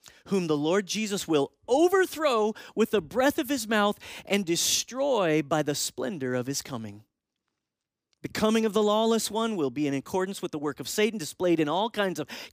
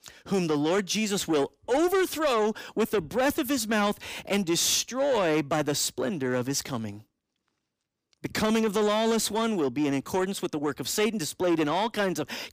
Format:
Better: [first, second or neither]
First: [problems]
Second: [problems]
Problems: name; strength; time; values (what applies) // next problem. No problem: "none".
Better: first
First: none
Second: distortion; slight; 10 dB below the speech